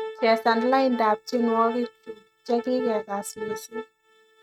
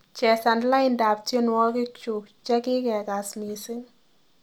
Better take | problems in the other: second | noise reduction (neural mask model RNNoise)

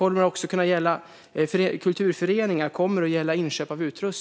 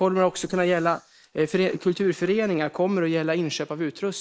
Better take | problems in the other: first | noise reduction (neural mask model Resemble Enhance denoiser)

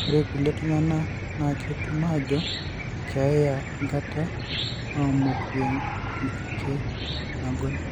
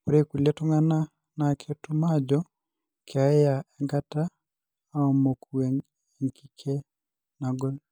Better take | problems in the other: second | background sound (Cricket / Chicken, rooster); 3 dB below the speech

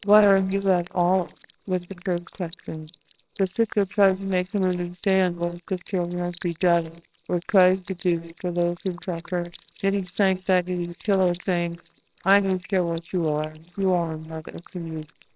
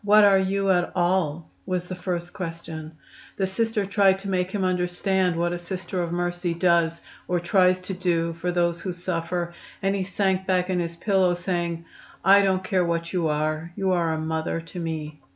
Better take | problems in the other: second | noise reduction (neural separator model SepFormer WHAMR!)

